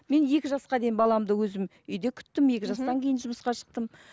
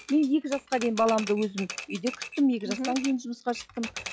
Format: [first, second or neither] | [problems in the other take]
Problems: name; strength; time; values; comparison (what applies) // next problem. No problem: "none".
first | noise reduction (classical method log-MMSE)